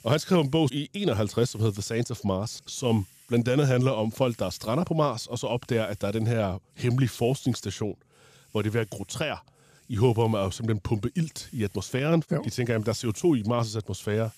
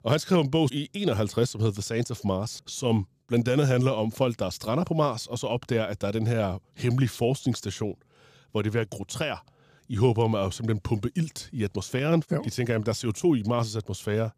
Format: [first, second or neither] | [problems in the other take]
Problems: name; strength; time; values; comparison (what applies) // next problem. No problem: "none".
second | hiss; faint; throughout; 30 dB below the speech